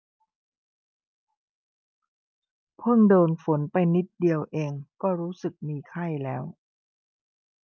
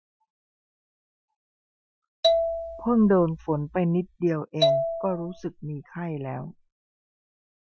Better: first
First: none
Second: noise reduction (classical method Wiener filter)

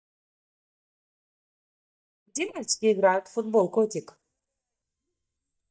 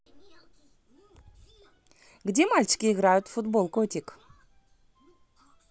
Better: second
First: noise reduction (neural mask model DeepFilterNet 3)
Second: none

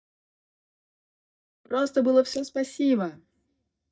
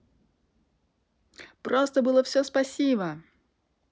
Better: second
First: noise reduction (neural mask model DeepFilterNet 3)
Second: none

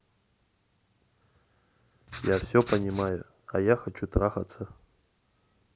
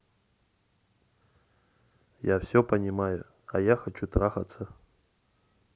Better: second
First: background sound (Writing); 12 dB below the speech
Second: none

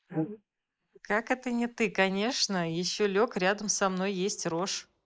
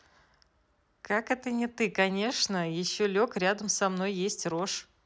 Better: second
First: noise reduction (neural mask model Resemble Enhance denoiser)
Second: none

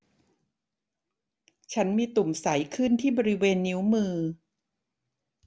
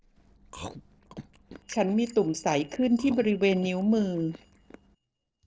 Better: first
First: none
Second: noise reduction (neural separator model SepFormer DNS4)

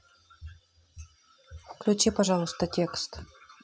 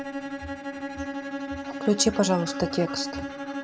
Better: first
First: none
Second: background sound (Bowed string instrument); 5 dB below the speech

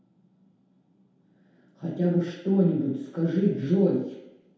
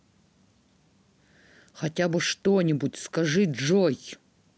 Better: second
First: room echo; dies away in 0.8 s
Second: none

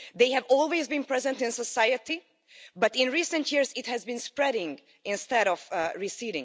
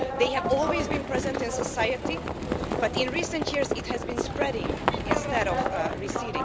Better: first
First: none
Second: background sound (Livestock, farm animals, working animals); 1 dB above the speech

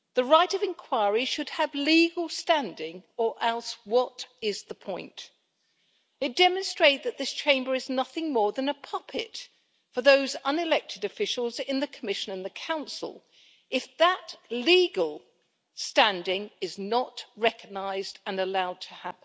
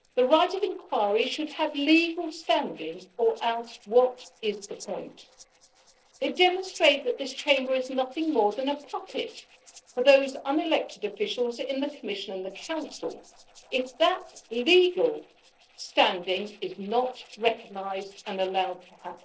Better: first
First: none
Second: noise reduction (neural separator model SepFormer DNS4)

